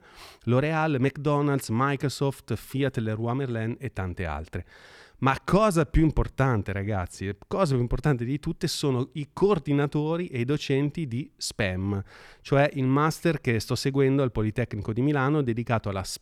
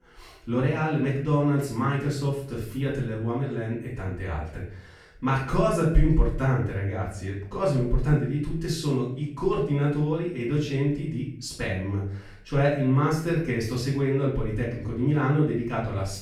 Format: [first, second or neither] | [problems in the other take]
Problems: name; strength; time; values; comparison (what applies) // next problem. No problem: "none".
first | off-mic speech; far // room echo; noticeable; dies away in 0.5 s